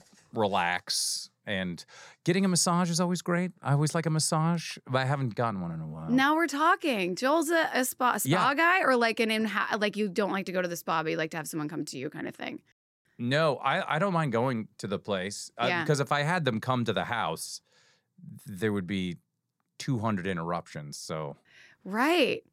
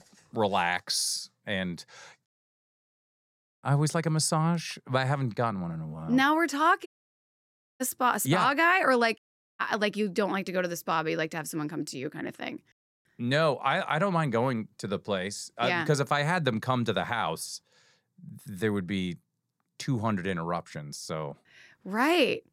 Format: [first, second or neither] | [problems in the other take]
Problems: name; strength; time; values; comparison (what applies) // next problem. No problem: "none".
first | audio cutting out; at 2.5 s for 1.5 s, at 7 s for 1 s and at 9 s